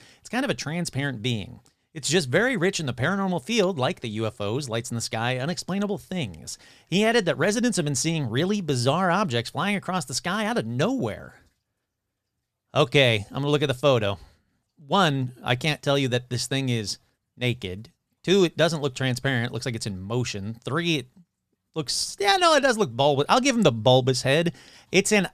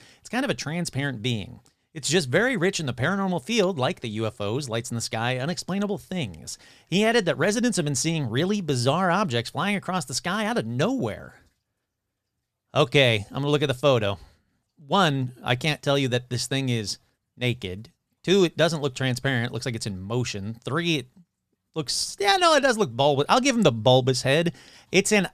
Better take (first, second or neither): neither